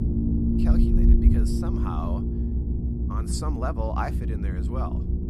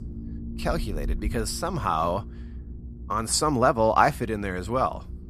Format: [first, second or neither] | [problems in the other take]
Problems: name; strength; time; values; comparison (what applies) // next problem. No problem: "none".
second | low rumble; loud; throughout; as loud as the speech; faint in the second